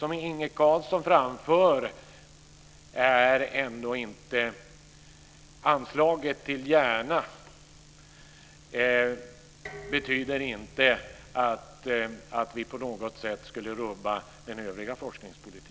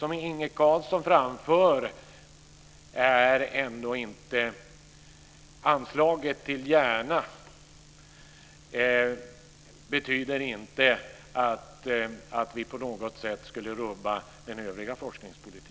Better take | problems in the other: second | background sound (Dishes, pots, and pans); 19 dB below the speech

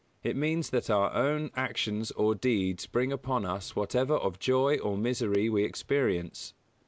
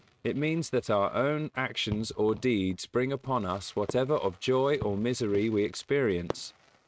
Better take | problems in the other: first | noise reduction (neural mask model RNNoise)

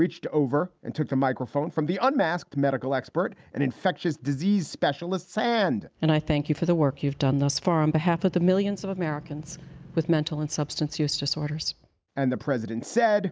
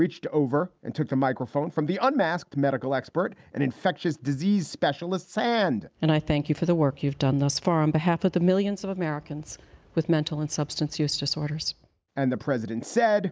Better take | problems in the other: second | background sound (Engine); 19 dB below the speech

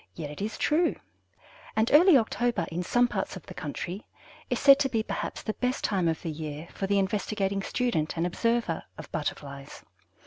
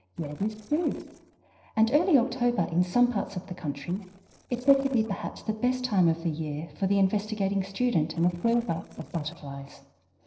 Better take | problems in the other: first | noise reduction (neural separator model SepFormer DNS4)

